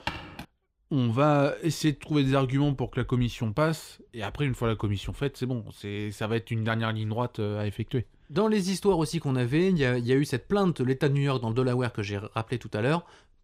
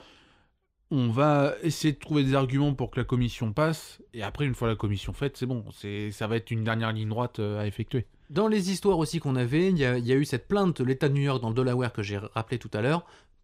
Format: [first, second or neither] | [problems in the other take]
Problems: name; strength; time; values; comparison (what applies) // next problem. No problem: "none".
second | footsteps; noticeable; at the start; peak 8 dB below the speech